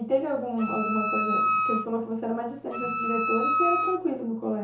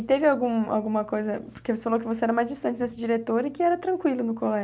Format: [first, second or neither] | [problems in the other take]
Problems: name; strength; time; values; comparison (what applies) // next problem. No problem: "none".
second | background sound (Wind instrument, woodwind instrument); 1 dB above the speech // room echo; dies away in 0.7 s